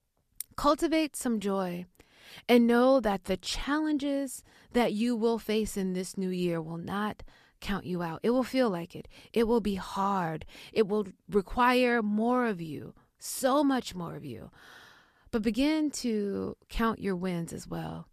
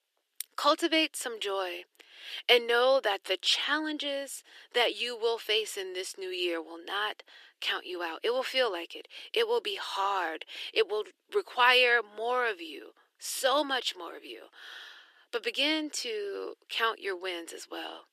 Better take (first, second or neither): first